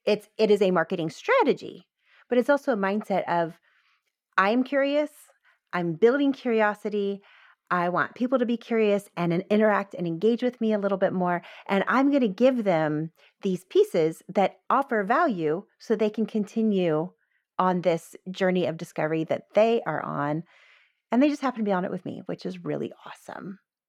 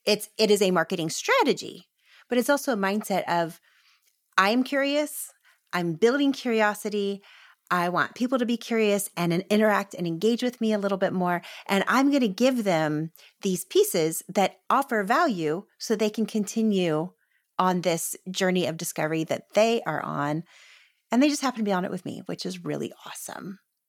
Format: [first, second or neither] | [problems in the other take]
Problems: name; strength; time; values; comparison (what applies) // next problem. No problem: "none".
second | muffled; slightly; fading above 4 kHz